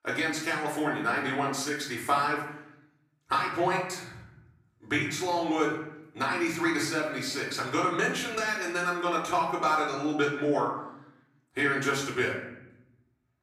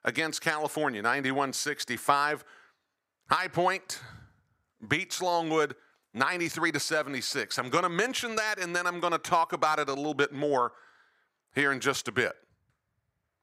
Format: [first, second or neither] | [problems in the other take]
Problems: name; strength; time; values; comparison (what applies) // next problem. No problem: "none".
second | off-mic speech; far // room echo; noticeable; dies away in 0.7 s